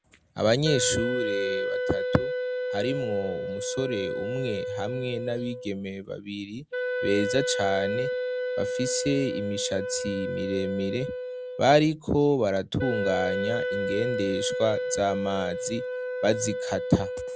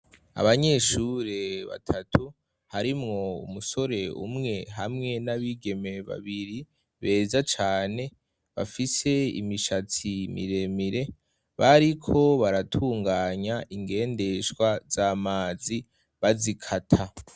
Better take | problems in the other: second | background sound (Wind instrument, woodwind instrument); 3 dB below the speech

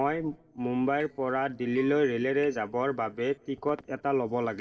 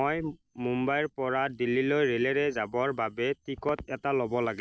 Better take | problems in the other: second | noise reduction (neural separator model SepFormer DNS4)

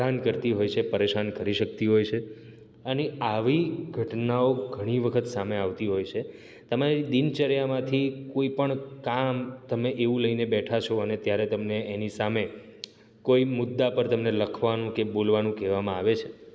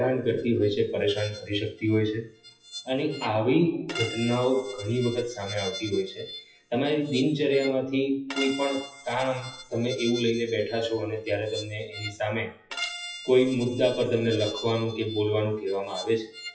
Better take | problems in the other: first | noise reduction (classical method WPE with log-MMSE)

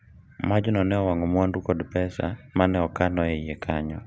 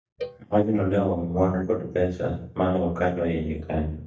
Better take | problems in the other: first | noise reduction (neural mask model DeepFilterNet 3)

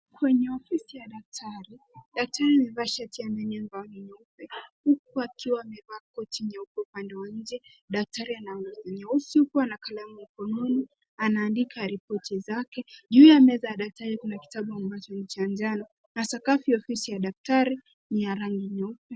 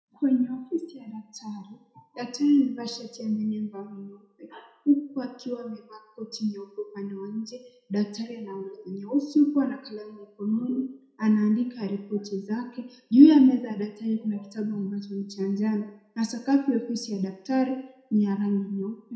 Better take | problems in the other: first | room echo; dies away in 0.6 s

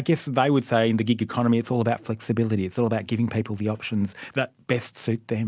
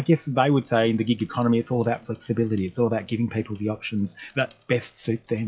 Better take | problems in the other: first | noise reduction (classical method WPE with log-MMSE)

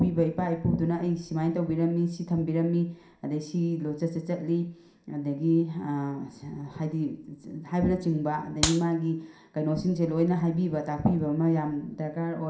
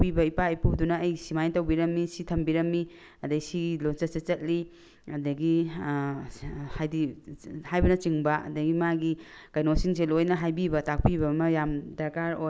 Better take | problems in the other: second | background sound (Clapping); 3 dB below the speech // room echo; dies away in 0.5 s

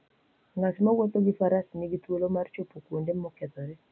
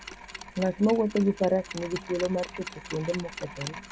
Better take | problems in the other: first | background sound (Mechanisms); 13 dB below the speech

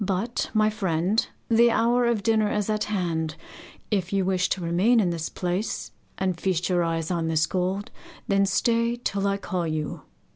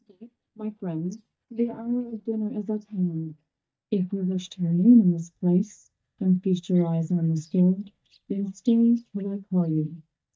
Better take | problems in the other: first | noise reduction (neural mask model DeepFilterNet 3)

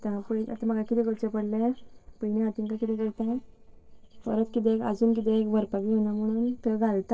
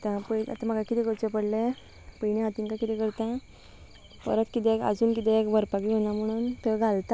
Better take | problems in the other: second | noise reduction (neural separator model SepFormer DNS4)

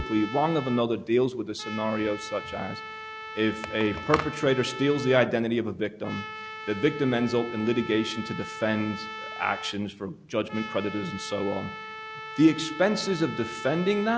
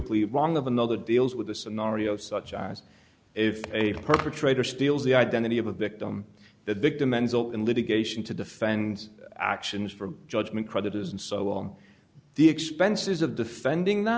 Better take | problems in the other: second | background sound (Trumpet); 12 dB below the speech

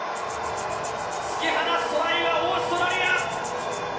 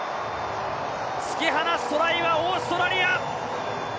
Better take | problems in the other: second | background sound (Rattle (instrument)); 18 dB below the speech // room echo; dies away in 0.9 s

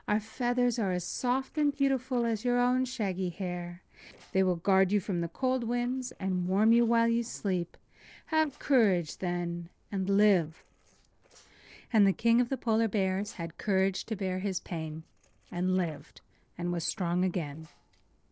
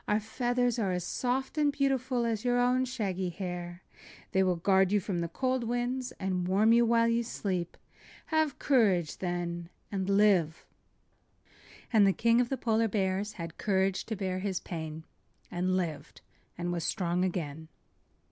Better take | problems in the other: second | noise reduction (neural separator model SepFormer DNS4)

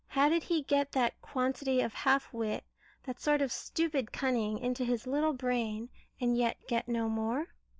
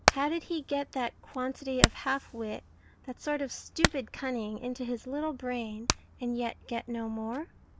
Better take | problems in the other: first | background sound (Hammer); 1 dB below the speech

